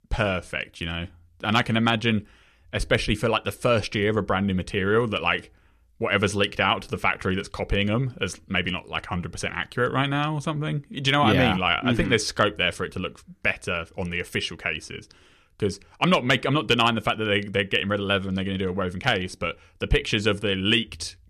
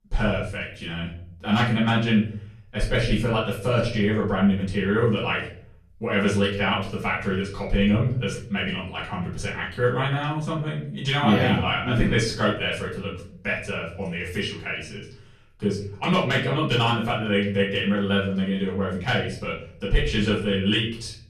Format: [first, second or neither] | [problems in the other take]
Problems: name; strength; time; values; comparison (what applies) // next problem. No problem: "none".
first | off-mic speech; far // room echo; slight; dies away in 0.6 s